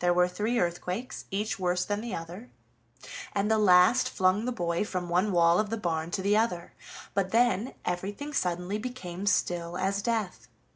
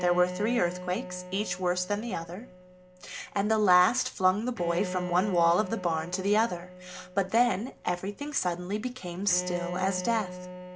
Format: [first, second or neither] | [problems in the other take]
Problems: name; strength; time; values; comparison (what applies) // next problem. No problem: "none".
first | background sound (Bowed string instrument); 11 dB below the speech